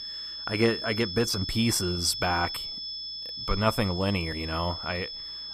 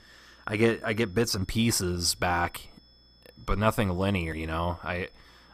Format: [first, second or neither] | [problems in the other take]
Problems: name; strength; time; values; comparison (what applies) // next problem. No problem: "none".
second | high-pitched whine; loud; throughout; 5.5 kHz, 6 dB below the speech; faint in the second